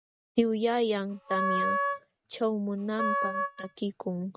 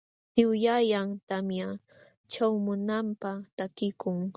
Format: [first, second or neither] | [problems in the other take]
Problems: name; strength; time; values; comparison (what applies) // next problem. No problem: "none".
second | noise reduction (neural mask model RNNoise)